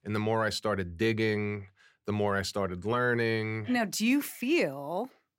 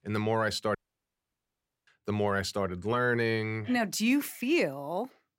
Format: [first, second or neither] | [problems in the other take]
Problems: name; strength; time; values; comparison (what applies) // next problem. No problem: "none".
first | audio cutting out; at 1 s for 1 s